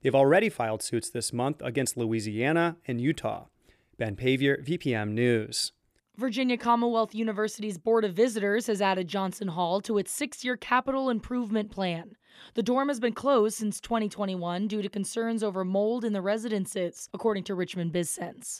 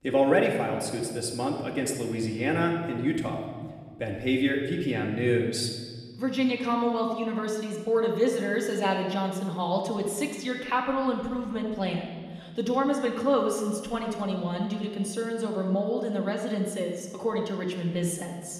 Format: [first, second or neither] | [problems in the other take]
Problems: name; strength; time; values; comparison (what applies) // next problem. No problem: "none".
first | room echo; noticeable; dies away in 1.5 s // off-mic speech; somewhat distant